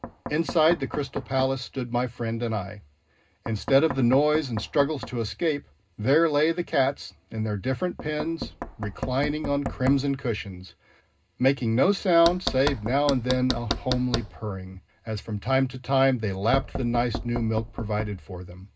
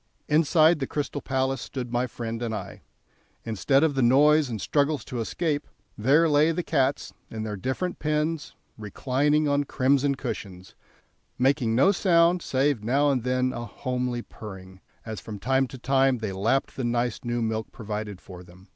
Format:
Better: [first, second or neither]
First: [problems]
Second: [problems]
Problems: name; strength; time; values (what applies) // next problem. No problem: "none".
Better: second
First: background sound (Knock); 11 dB below the speech // room echo; dies away in 0.2 s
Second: none